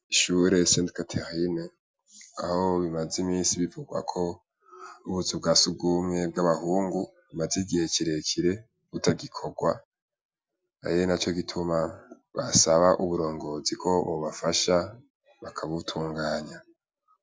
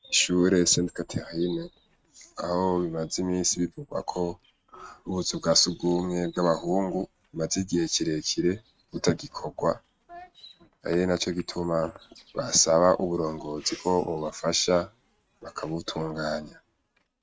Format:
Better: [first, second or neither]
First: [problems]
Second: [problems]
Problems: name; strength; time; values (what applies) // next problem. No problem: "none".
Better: first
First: none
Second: noise reduction (neural mask model RNNoise)